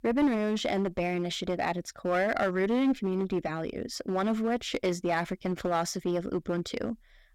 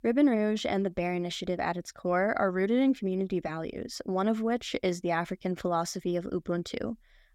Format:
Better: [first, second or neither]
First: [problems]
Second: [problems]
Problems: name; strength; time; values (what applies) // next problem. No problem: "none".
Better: second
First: distortion; slight; 8% of the sound clipped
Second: none